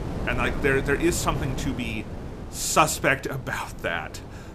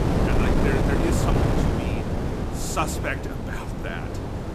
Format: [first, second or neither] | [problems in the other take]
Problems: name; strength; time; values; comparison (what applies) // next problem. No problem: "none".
first | wind noise on the microphone; heavy; 2 dB above the speech; occasional gusts in the first